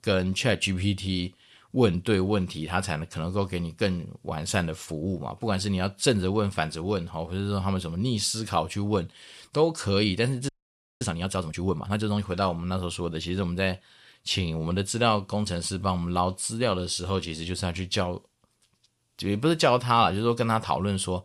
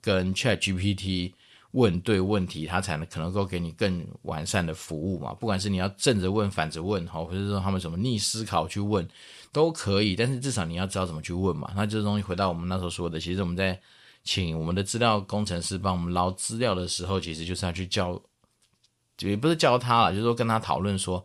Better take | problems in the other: second | audio freezing; at 10 s for 0.5 s

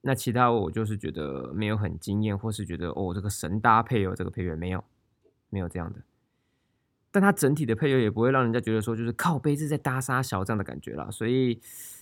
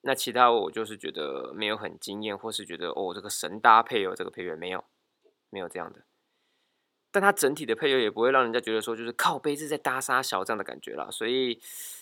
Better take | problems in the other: first | thin; somewhat; fading below 500 Hz

